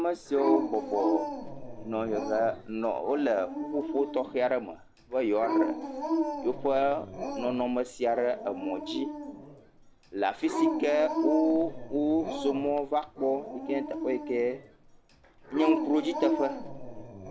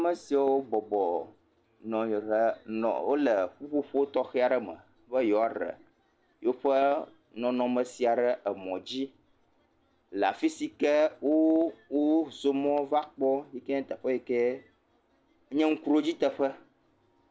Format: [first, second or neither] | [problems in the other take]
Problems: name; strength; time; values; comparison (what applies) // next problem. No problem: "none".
second | background sound (Dog); 4 dB below the speech